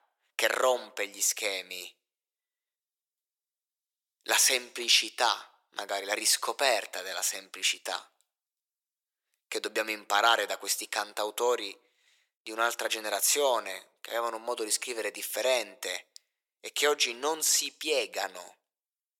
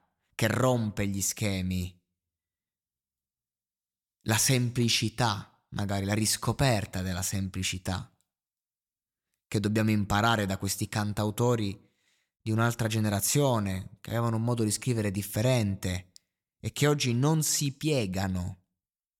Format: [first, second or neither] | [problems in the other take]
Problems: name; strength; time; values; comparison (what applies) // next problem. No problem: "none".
second | thin; very; fading below 400 Hz